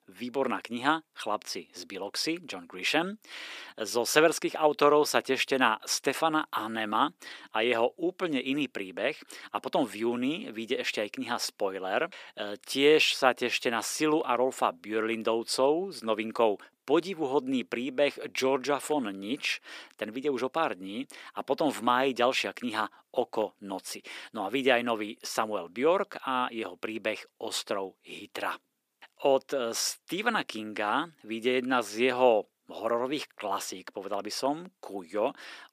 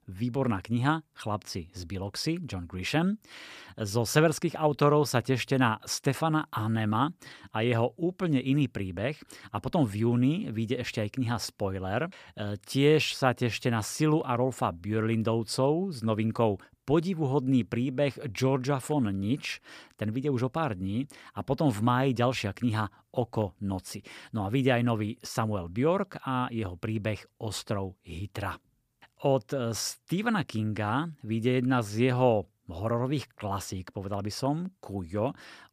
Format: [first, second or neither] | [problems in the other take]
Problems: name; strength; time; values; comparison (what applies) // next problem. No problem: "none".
second | thin; somewhat; fading below 300 Hz